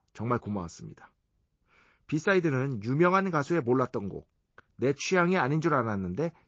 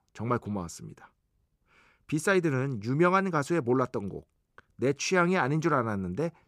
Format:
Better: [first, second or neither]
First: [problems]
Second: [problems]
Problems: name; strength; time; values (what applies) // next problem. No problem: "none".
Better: second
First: garbled, watery; slightly; nothing above 6.5 kHz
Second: none